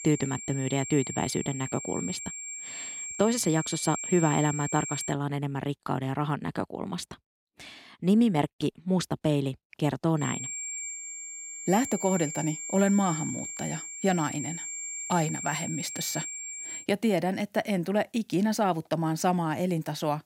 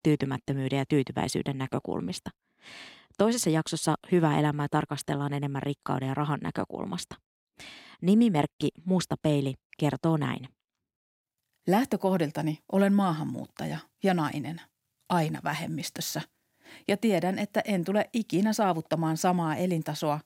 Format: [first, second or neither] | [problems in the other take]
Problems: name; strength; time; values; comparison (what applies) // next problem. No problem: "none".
second | high-pitched whine; loud; until 5 s and from 10 to 17 s; 7.5 kHz, 6 dB below the speech